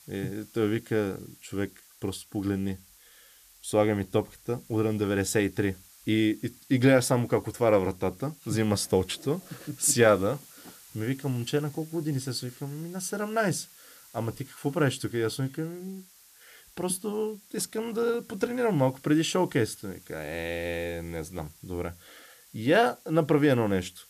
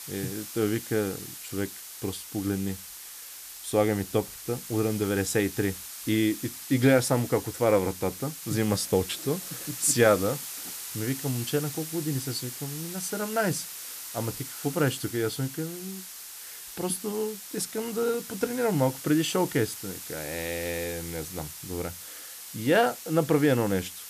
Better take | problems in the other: first | hiss; loud; throughout; 9 dB below the speech; faint in the first

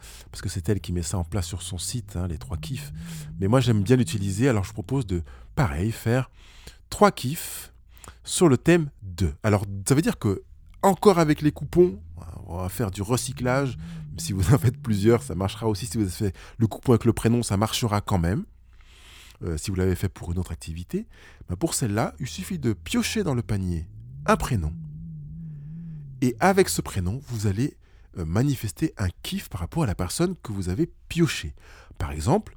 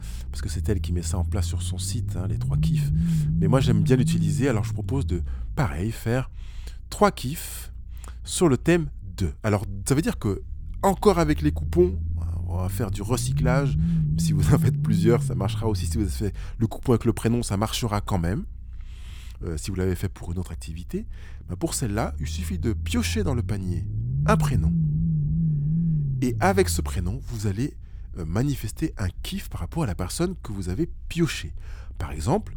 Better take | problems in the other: first | low rumble; loud; throughout; 8 dB below the speech; faint in the first

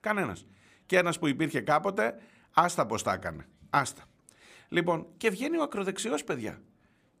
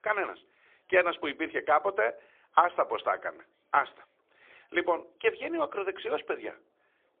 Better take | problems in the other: first | phone-call audio; poor line; nothing above 3.5 kHz

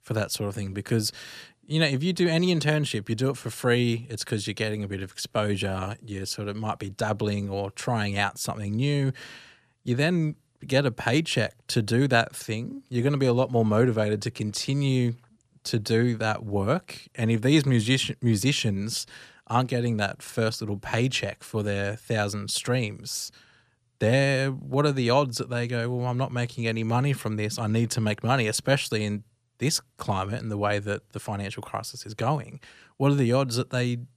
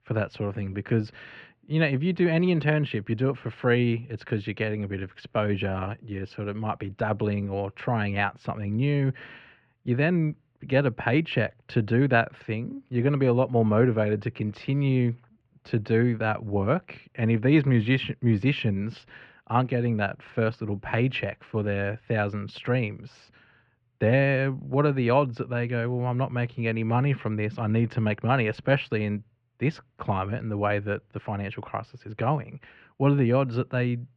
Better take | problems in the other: first | muffled; very; fading above 2.5 kHz

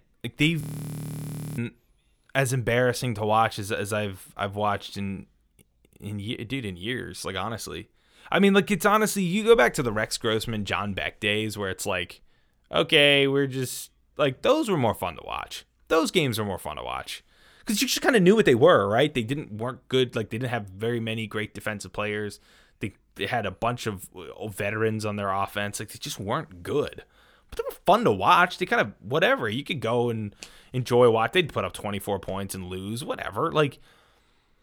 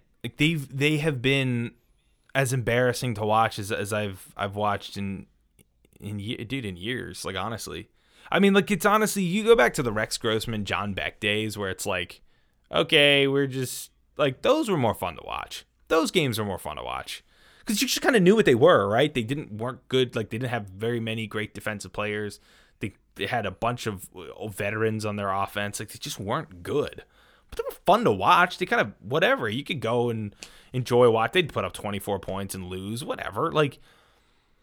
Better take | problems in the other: second | audio freezing; at 0.5 s for 1 s

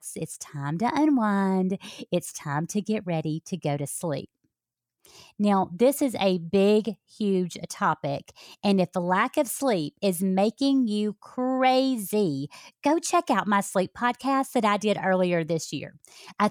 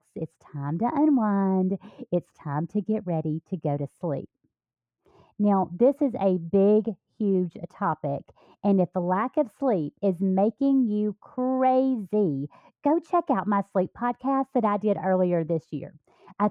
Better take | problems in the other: first | muffled; very; fading above 2.5 kHz

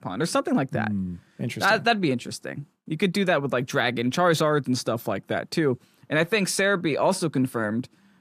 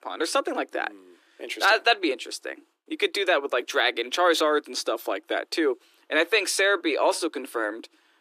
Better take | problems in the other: first | thin; very; fading below 300 Hz

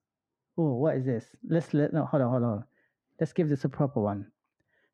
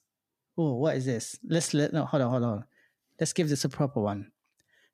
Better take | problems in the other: second | muffled; very; fading above 3 kHz

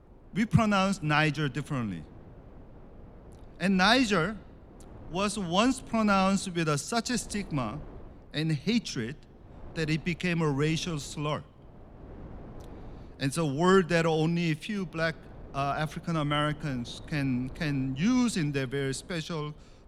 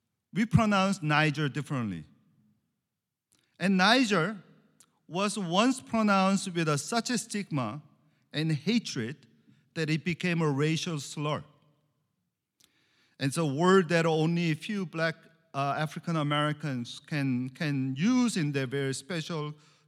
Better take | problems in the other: second | wind noise on the microphone; occasional gusts; 25 dB below the speech

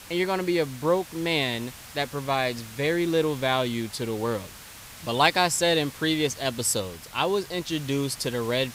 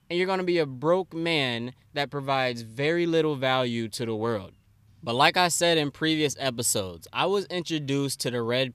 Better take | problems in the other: second | hiss; noticeable; throughout; 15 dB below the speech

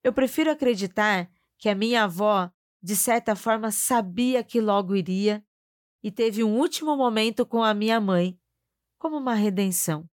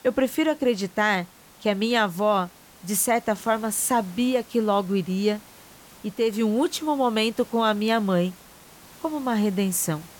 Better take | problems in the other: first | hiss; faint; throughout; 25 dB below the speech

